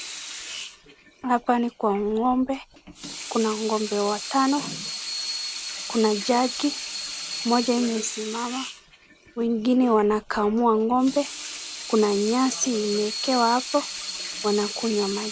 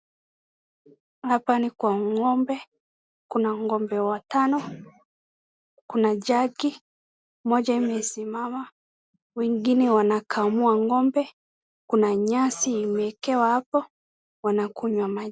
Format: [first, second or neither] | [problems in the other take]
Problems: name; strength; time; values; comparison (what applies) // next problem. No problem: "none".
second | background sound (Sink (filling or washing) / Water tap, faucet); 10 dB below the speech